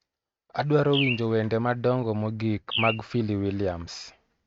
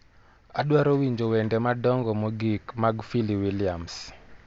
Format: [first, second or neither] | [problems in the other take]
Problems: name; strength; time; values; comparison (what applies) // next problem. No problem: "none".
second | noise reduction (neural mask model RNNoise)